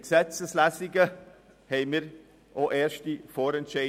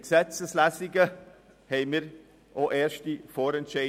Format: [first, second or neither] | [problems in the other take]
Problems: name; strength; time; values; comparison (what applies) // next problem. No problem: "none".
second | background sound (Cowbell); 16 dB below the speech